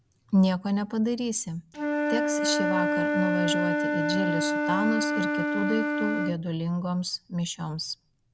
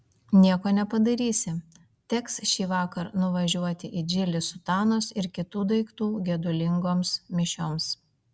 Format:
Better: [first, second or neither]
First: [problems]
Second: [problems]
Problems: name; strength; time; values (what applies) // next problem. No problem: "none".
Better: second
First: background sound (Wind instrument, woodwind instrument); as loud as the speech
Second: none